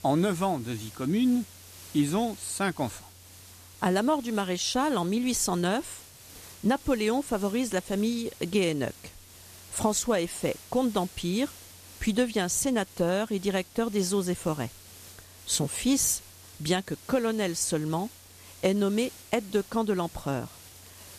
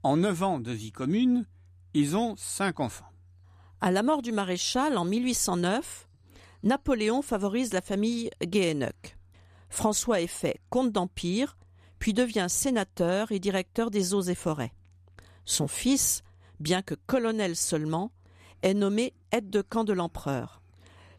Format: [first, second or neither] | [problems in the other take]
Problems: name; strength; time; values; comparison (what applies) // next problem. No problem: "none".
second | hiss; noticeable; throughout; 20 dB below the speech